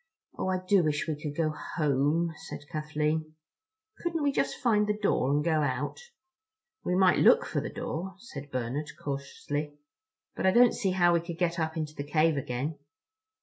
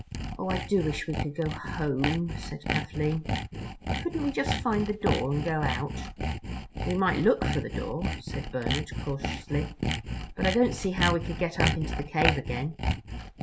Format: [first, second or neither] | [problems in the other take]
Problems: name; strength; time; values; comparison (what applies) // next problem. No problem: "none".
first | background sound (Sawing); 2 dB below the speech